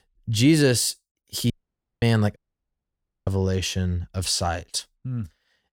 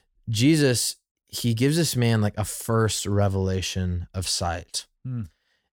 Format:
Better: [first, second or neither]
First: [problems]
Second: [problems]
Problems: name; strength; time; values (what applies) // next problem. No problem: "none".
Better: second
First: audio cutting out; at 1.5 s for 0.5 s and at 2.5 s for 1 s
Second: none